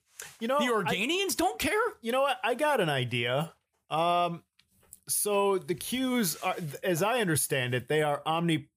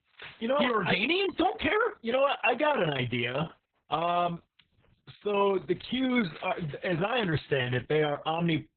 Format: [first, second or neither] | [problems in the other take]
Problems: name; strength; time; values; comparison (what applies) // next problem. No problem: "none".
first | garbled, watery; badly; nothing above 3.5 kHz